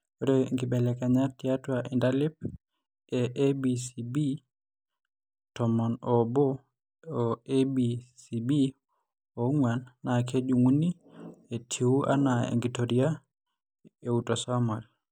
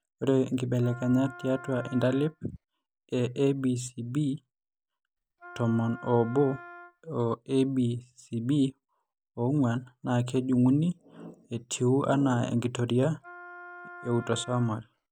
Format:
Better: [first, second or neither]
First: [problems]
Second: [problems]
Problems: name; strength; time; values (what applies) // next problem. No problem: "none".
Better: first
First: none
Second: background sound (Wind instrument, woodwind instrument); 17 dB below the speech